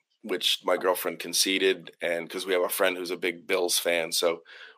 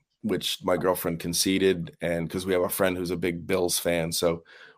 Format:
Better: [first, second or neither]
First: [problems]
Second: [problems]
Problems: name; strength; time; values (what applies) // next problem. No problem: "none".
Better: second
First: thin; somewhat; fading below 300 Hz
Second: none